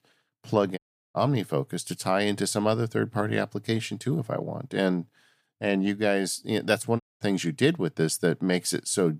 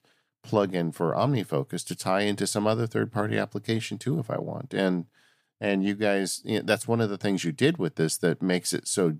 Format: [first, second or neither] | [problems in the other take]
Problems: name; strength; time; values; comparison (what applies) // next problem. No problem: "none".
second | audio cutting out; at 1 s and at 7 s